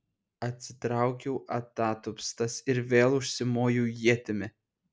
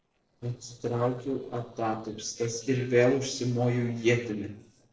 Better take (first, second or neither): first